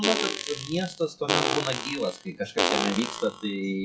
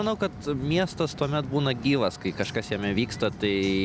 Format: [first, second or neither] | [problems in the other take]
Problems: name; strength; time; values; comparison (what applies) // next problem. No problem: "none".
second | noise reduction (classical method WPE with log-MMSE)